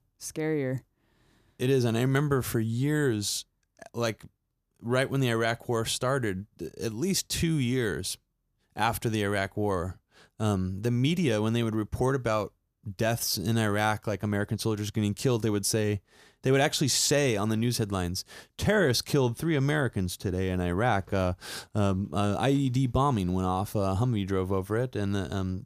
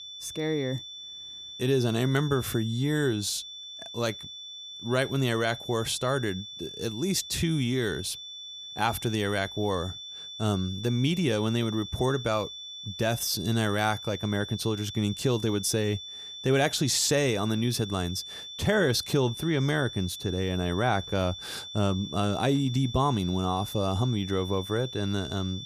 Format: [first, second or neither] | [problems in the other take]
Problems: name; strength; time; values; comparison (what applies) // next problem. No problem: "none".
first | high-pitched whine; noticeable; throughout; 3.5 kHz, 10 dB below the speech